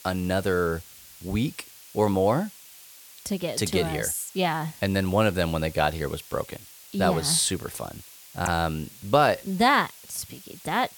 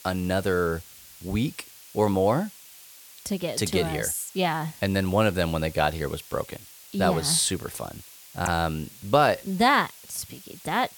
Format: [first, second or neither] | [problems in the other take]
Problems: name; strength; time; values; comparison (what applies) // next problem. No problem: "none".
neither | hiss; noticeable; throughout; 20 dB below the speech; the same in both